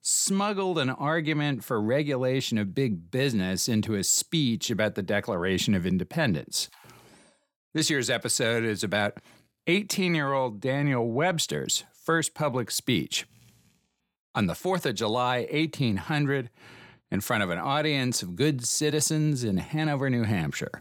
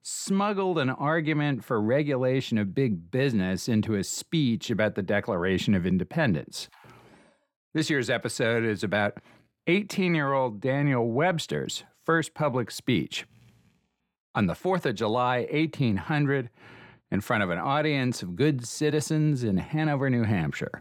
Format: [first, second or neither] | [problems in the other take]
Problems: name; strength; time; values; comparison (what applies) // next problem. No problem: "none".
first | muffled; slightly; fading above 3.5 kHz